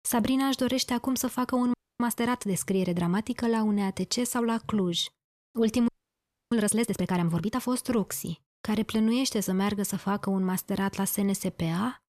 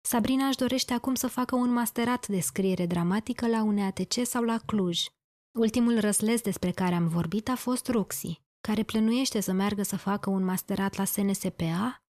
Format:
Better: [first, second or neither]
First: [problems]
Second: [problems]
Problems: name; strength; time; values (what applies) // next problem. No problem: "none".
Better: second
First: audio freezing; at 1.5 s and at 6 s for 0.5 s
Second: none